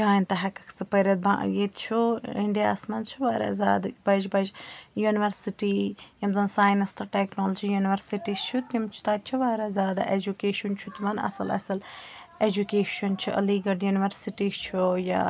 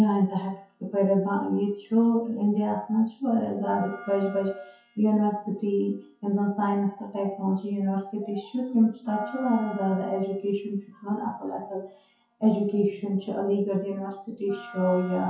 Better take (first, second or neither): first